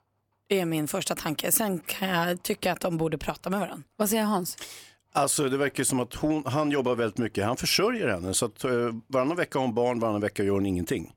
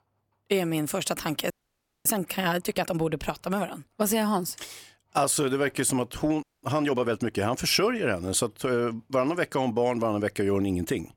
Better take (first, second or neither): first